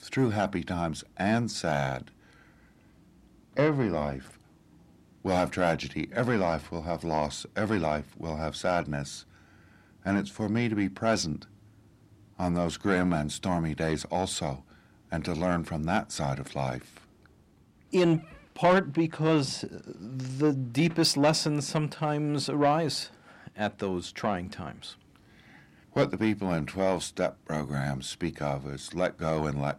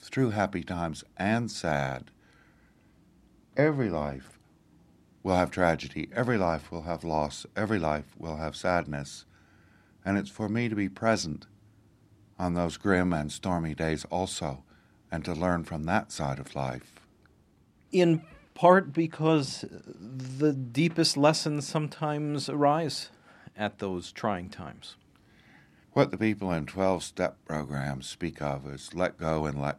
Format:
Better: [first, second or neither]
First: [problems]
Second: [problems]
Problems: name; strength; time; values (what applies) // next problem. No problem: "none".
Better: second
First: distortion; slight; 10 dB below the speech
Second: none